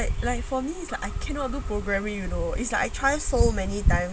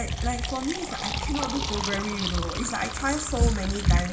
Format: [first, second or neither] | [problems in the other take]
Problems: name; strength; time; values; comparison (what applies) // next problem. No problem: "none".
first | background sound (Fill (with liquid)); 8 dB below the speech // room echo; dies away in 0.4 s